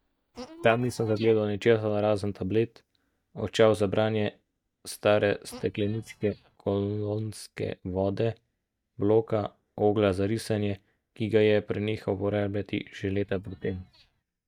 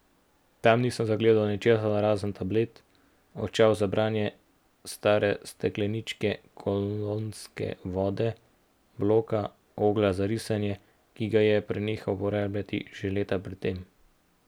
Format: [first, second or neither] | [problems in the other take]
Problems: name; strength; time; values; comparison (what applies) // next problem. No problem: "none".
second | noise reduction (neural mask model DeepFilterNet 3)